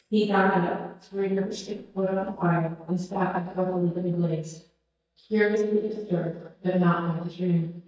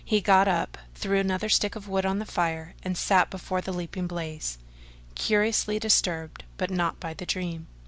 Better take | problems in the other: second | noise reduction (neural mask model DeepFilterNet 3)

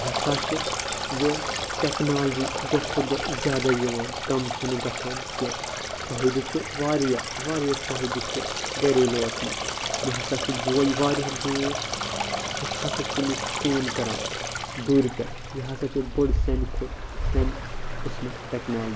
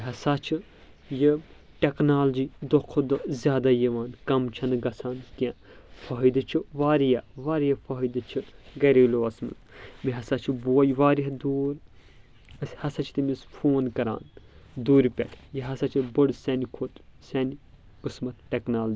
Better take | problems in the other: second | background sound (Stream); 2 dB below the speech // room echo; dies away in 2.3 s

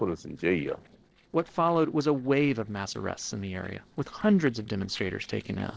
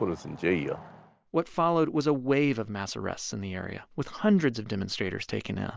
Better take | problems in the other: second | noise reduction (neural separator model SepFormer DNS4)

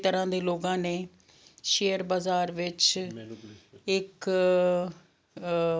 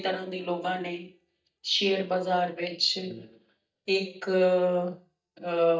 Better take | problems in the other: first | noise reduction (neural mask model DeepFilterNet 3)

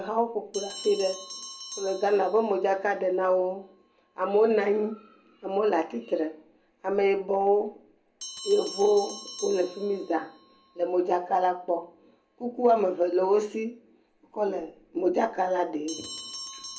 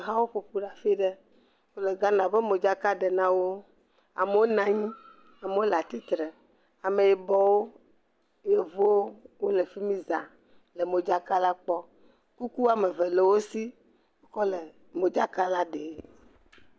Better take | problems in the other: second | background sound (Bell); 18 dB below the speech // room echo; dies away in 0.3 s

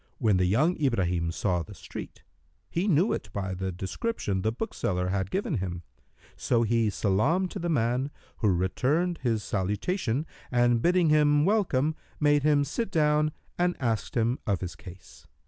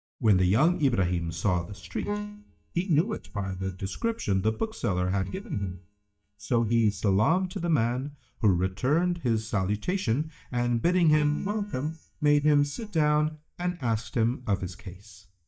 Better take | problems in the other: first | noise reduction (neural mask model DeepFilterNet 3)

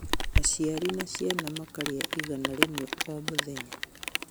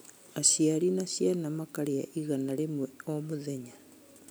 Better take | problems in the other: second | background sound (Rain); 2 dB above the speech

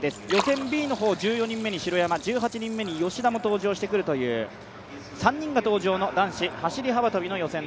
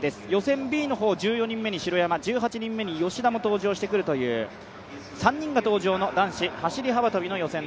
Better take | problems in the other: second | background sound (Liquid); 15 dB below the speech

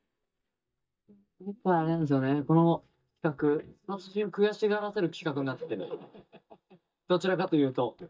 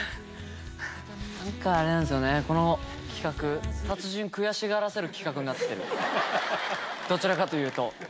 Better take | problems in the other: second | noise reduction (neural mask model DeepFilterNet 3)

